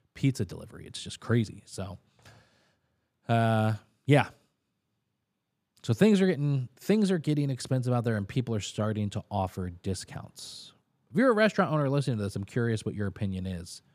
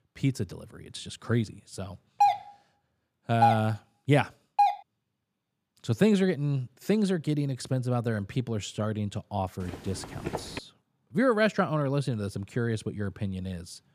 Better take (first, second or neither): first